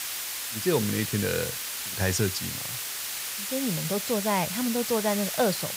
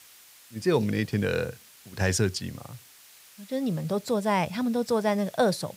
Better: second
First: hiss; loud; throughout; 2 dB below the speech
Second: hiss; faint; throughout; 25 dB below the speech

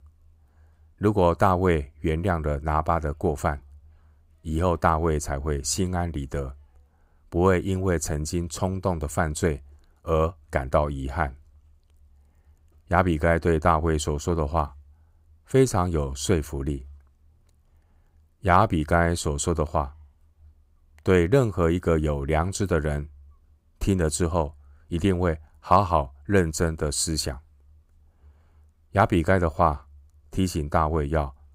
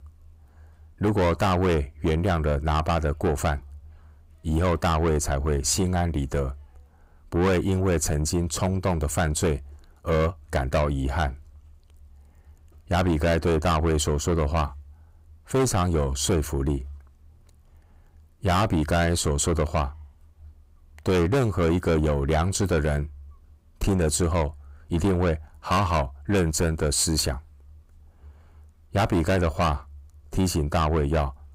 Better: first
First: none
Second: distortion; heavy; 6 dB below the speech

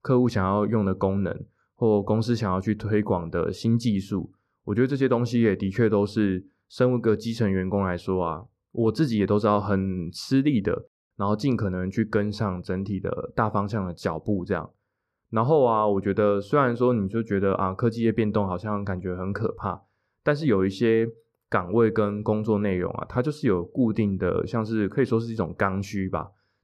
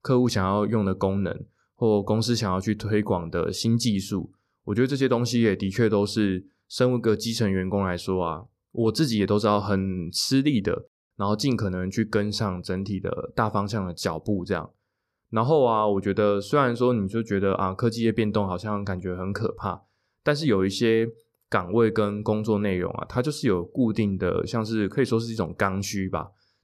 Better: second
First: muffled; slightly; fading above 3 kHz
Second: none

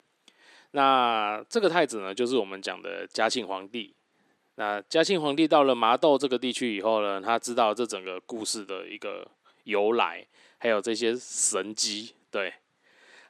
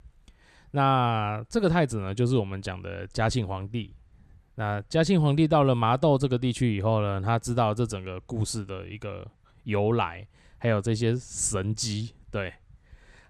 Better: second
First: thin; somewhat; fading below 300 Hz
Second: none

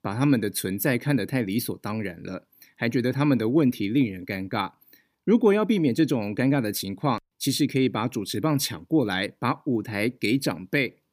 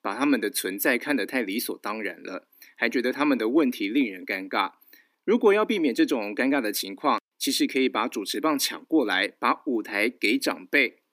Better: first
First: none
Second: thin; very slightly; fading below 250 Hz

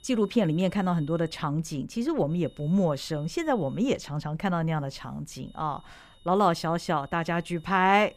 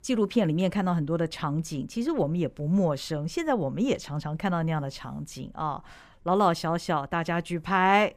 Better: second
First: high-pitched whine; faint; until 1.5 s, from 2.5 to 4 s and from 5.5 s on; 3.5 kHz, 30 dB below the speech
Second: none

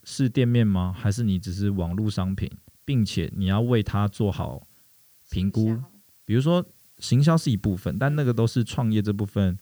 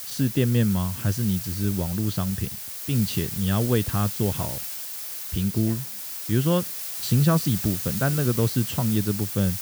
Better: first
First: hiss; faint; throughout; 30 dB below the speech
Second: hiss; loud; throughout; 5 dB below the speech

